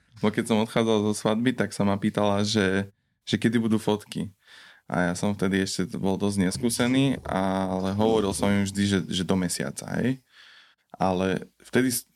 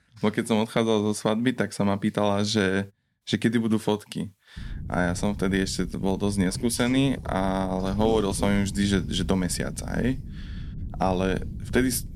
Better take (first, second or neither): first